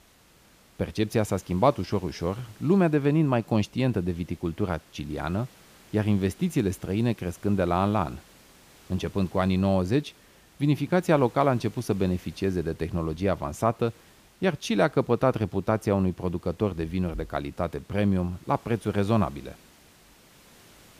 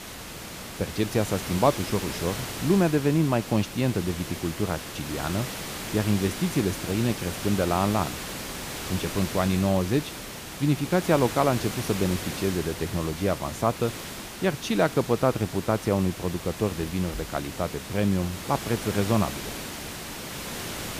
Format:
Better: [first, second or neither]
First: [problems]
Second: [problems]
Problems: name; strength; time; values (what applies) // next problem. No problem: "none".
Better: first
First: hiss; faint; throughout; 25 dB below the speech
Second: hiss; loud; throughout; 8 dB below the speech